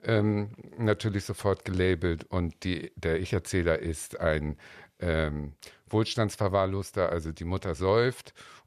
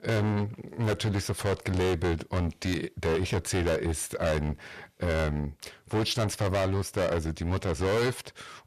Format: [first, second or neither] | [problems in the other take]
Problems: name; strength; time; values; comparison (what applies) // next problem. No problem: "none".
first | distortion; heavy; 19% of the sound clipped